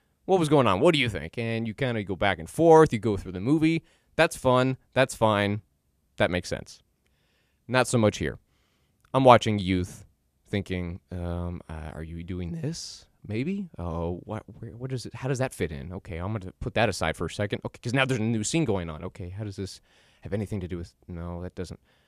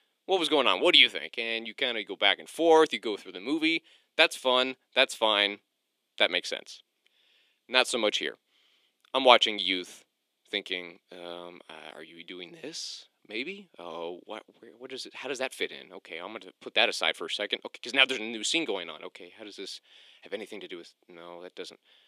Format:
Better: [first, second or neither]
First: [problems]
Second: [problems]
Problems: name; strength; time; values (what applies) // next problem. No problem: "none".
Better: first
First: none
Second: thin; somewhat; fading below 300 Hz